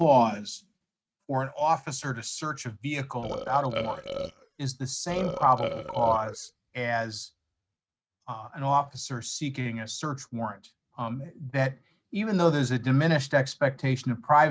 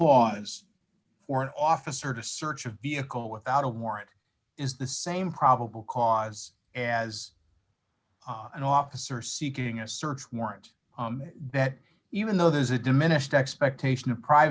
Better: second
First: noise reduction (neural mask model RNNoise)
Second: none

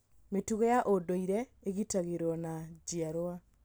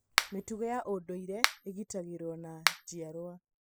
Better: first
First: none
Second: noise reduction (classical method spectral subtraction)

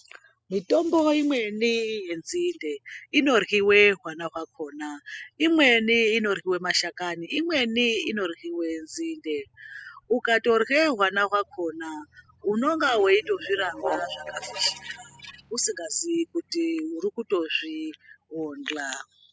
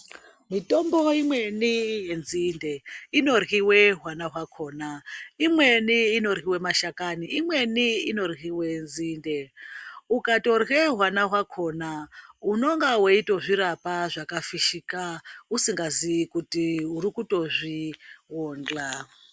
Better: second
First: noise reduction (classical method spectral subtraction)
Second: none

